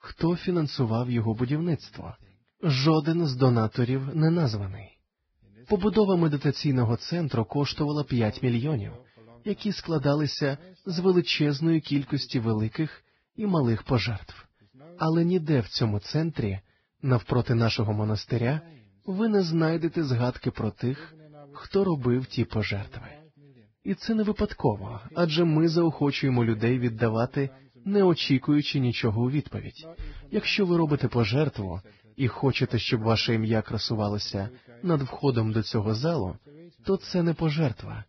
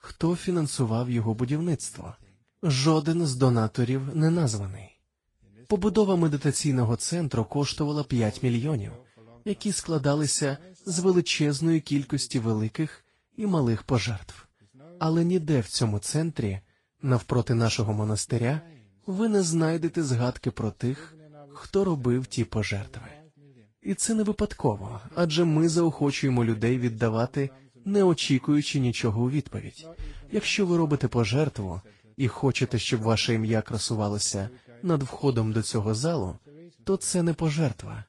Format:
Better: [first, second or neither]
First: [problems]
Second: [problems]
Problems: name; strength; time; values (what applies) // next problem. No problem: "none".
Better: second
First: garbled, watery; badly; nothing above 5.5 kHz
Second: garbled, watery; slightly; nothing above 10 kHz